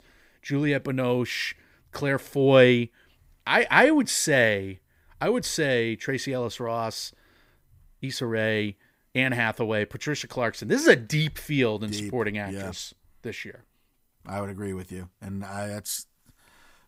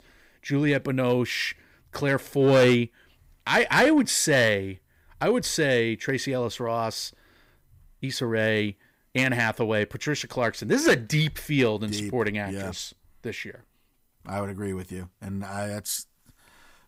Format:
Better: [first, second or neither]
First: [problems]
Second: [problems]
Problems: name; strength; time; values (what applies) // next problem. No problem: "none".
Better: first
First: none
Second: distortion; slight; 1.6% of the sound clipped